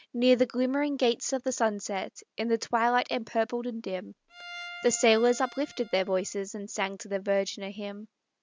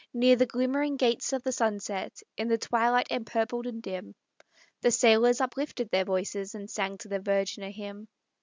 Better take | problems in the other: second | background sound (Bowed string instrument); 18 dB below the speech

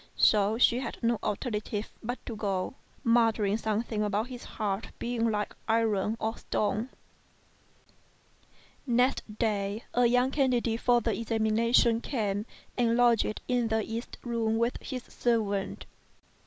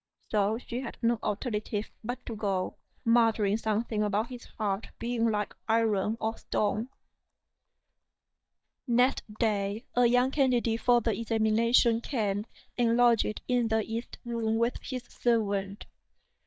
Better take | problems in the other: first | noise reduction (neural mask model DeepFilterNet 3)

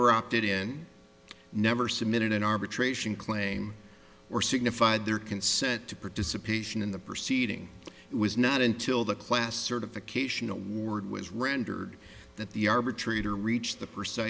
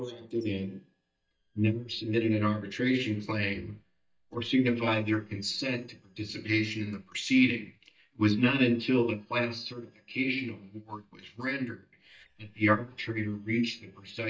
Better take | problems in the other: first | noise reduction (neural mask model DeepFilterNet 3)

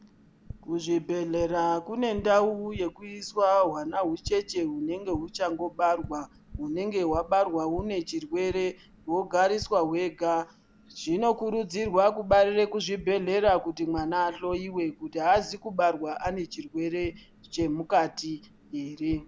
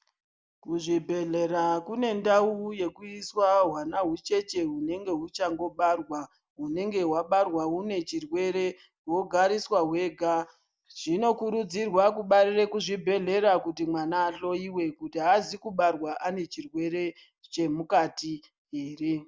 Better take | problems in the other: second | background sound (Tap); 19 dB below the speech

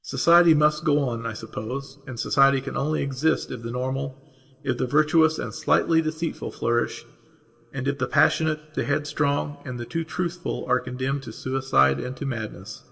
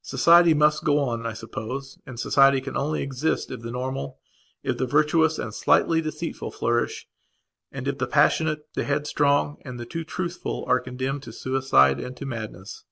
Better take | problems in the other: second | room echo; dies away in 2.4 s

